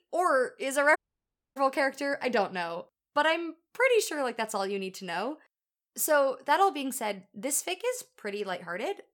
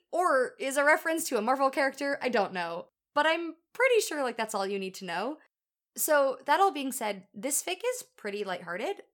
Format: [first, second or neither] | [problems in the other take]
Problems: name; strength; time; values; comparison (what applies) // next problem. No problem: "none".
second | audio cutting out; at 1 s for 0.5 s